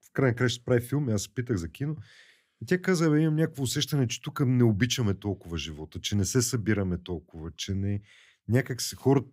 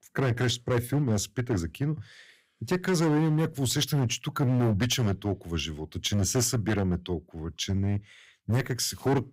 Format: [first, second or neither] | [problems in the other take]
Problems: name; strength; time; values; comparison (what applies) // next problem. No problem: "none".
first | distortion; heavy; 9% of the sound clipped